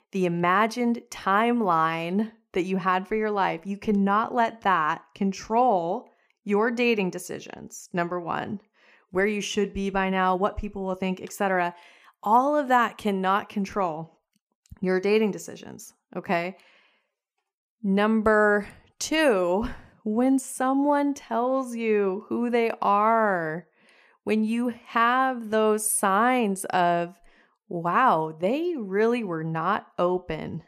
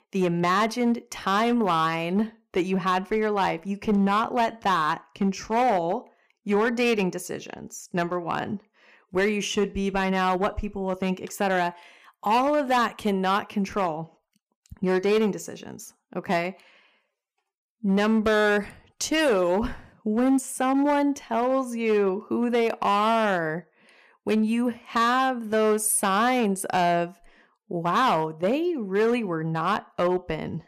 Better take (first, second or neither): first